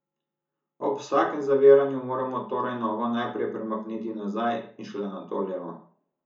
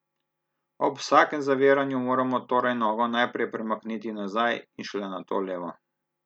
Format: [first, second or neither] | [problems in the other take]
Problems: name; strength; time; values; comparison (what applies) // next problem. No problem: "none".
second | room echo; dies away in 0.6 s